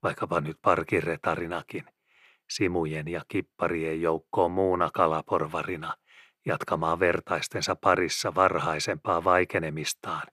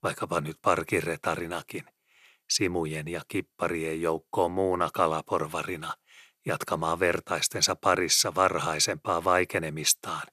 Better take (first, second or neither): second